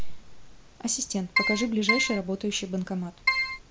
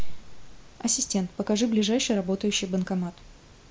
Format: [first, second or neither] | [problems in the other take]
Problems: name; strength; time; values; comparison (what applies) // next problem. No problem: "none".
second | background sound (Keyboard (musical)); 4 dB above the speech